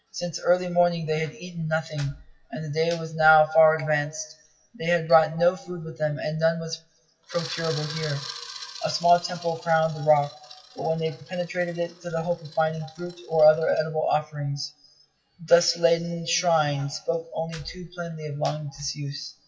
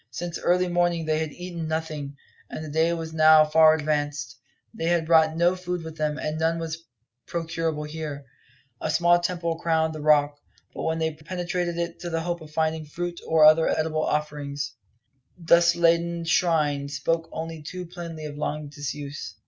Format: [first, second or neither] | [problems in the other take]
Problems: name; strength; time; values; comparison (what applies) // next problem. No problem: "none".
second | noise reduction (classical method WPE with log-MMSE)